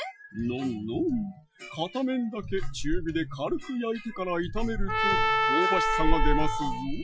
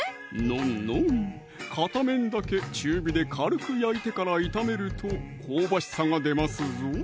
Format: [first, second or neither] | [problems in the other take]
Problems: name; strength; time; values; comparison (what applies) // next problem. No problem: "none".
second | noise reduction (classical method Wiener filter)